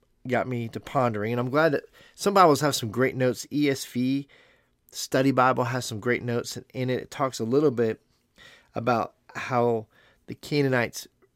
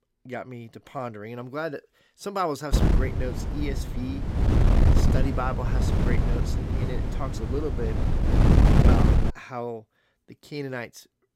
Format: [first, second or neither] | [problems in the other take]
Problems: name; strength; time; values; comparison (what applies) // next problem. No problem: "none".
first | wind noise on the microphone; heavy; from 2.5 to 9.5 s; 1 dB above the speech